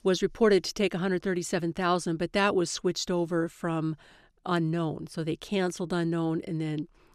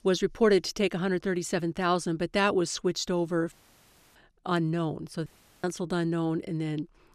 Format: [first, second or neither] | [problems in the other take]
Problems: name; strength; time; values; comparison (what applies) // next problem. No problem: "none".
first | audio cutting out; at 3.5 s for 0.5 s and at 5.5 s